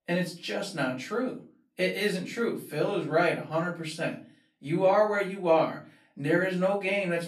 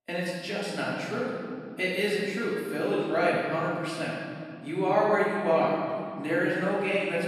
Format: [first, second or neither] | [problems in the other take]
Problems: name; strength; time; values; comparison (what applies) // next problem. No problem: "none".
first | room echo; strong; dies away in 2.6 s; slight in the first // off-mic speech; far; far in the first